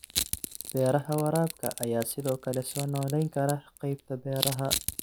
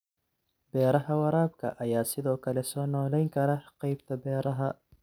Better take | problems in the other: second | background sound (Crushing); 7 dB below the speech

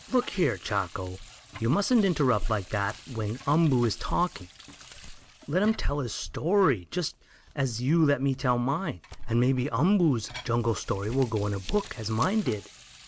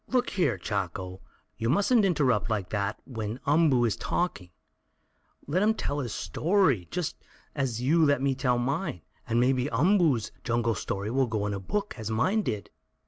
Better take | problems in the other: second | background sound (Crumpling, crinkling + Sink (filling or washing) / Water tap, faucet); 18 dB below the speech

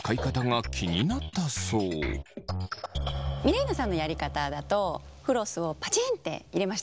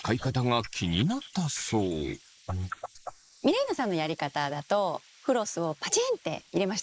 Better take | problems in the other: first | noise reduction (neural mask model Resemble Enhance denoiser)

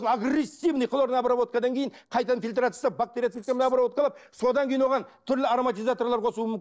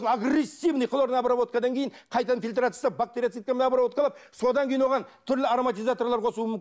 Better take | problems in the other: second | noise reduction (neural separator model SepFormer DNS4)

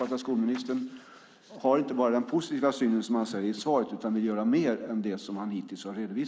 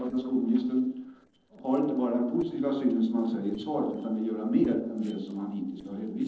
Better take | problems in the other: first | noise reduction (neural separator model SepFormer DNS4)

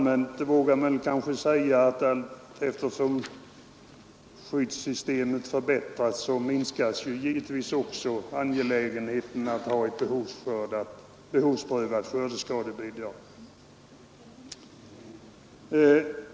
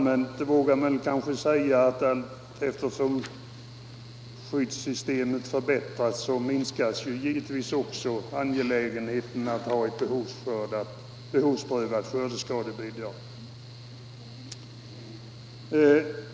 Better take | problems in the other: first | background sound (Mechanical fan); 17 dB below the speech

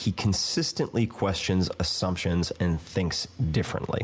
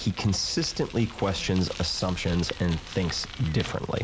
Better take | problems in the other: first | background sound (Bicycle); 13 dB below the speech

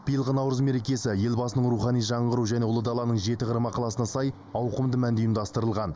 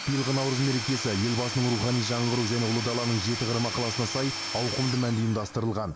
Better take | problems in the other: first | background sound (Tools / Domestic sounds, home sounds); 6 dB below the speech

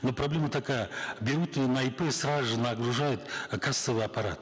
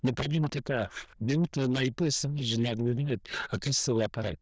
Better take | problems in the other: first | noise reduction (neural diffusion model UNIVERSE++)

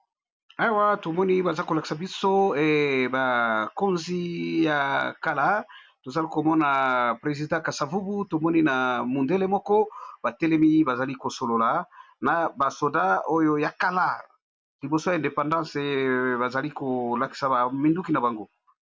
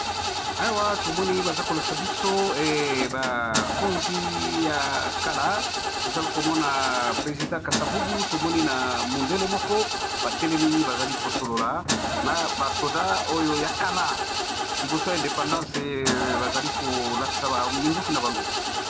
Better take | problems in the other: first | background sound (Engine starting / Car); as loud as the speech

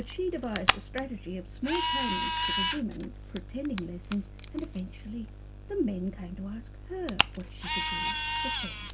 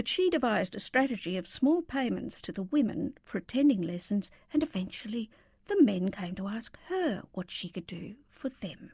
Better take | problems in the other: second | background sound (Camera); 2 dB above the speech // room echo; dies away in 0.2 s

